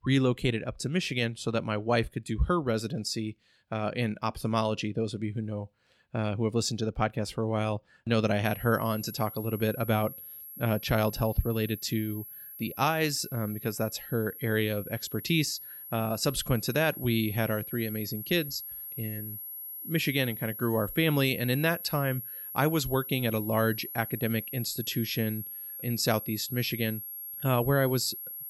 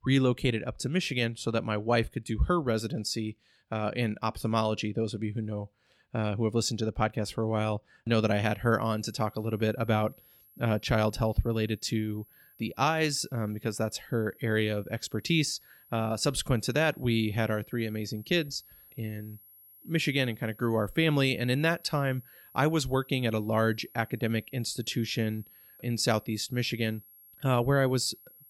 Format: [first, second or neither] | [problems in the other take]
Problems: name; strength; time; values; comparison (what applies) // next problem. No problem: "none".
second | high-pitched whine; loud; from 8.5 s on; 11.5 kHz, 9 dB below the speech; faint in the second